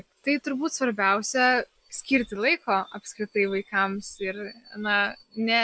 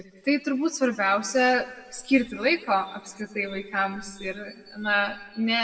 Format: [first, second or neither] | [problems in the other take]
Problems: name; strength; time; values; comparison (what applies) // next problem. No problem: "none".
first | room echo; dies away in 0.9 s